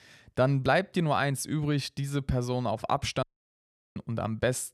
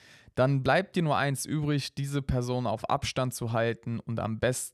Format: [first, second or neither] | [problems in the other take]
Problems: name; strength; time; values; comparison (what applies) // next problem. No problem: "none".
second | audio cutting out; at 3 s for 0.5 s